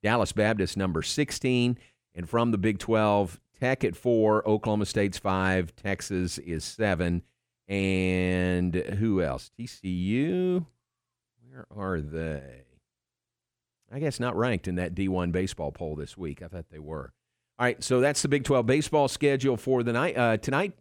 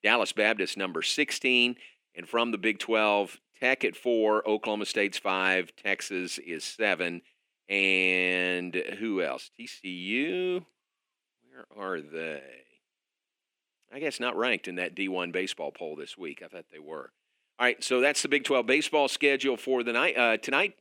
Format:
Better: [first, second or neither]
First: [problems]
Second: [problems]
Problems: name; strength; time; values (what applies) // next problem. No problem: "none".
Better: first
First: none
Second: thin; somewhat; fading below 250 Hz